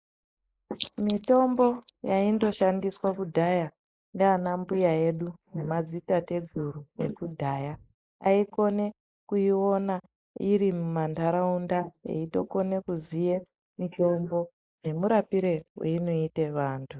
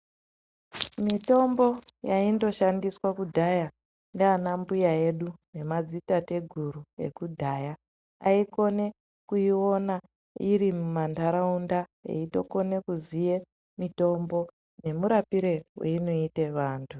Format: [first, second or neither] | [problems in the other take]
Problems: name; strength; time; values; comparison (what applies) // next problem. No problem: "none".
second | noise reduction (neural mask model Resemble Enhance denoiser)